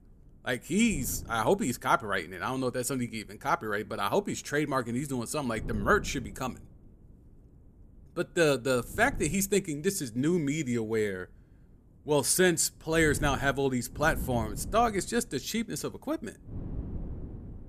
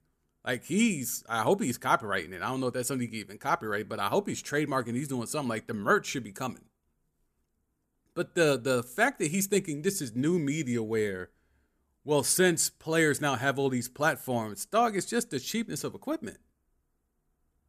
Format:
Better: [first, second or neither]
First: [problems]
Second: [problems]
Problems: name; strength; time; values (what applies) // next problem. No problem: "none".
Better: second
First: wind noise on the microphone; occasional gusts; 20 dB below the speech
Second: none